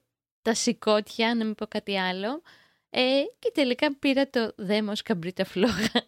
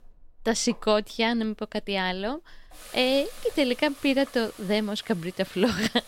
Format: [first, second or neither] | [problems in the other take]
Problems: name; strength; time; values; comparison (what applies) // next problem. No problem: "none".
first | household noises; noticeable; throughout; 20 dB below the speech